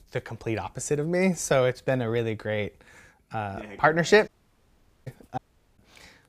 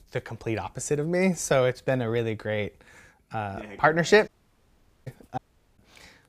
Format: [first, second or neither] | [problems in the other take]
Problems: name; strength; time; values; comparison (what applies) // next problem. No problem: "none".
neither | audio cutting out; at 4.5 s for 1 s and at 5.5 s; the same in both